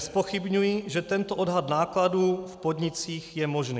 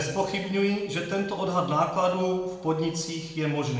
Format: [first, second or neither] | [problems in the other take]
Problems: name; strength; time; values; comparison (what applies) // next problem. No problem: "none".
first | room echo; dies away in 0.8 s